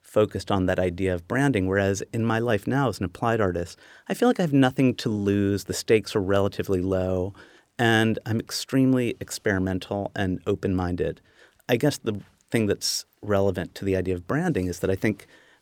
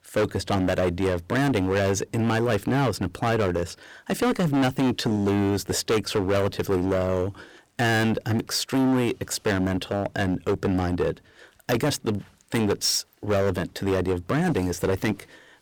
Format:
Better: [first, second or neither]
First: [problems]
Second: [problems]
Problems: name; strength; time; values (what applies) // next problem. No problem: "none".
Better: first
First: none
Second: distortion; heavy; 15% of the sound clipped